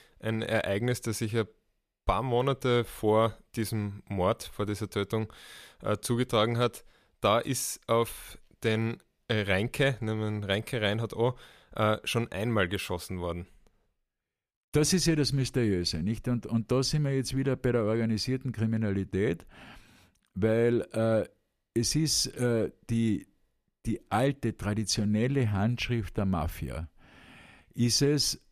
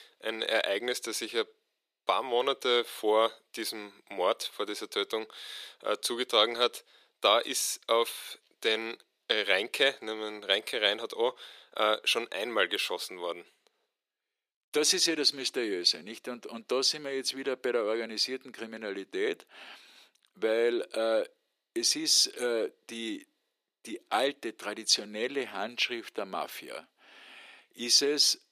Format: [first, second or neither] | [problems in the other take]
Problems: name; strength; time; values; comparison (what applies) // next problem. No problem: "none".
first | thin; very; fading below 350 Hz